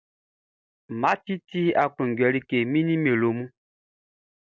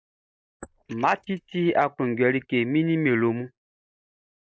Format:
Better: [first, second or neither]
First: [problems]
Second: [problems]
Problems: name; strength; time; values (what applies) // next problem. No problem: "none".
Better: first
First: none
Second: noise reduction (neural mask model Resemble Enhance denoiser)